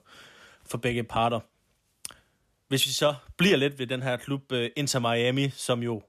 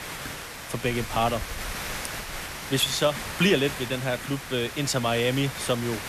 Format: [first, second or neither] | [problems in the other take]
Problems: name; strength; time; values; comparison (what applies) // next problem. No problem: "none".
first | hiss; loud; throughout; 8 dB below the speech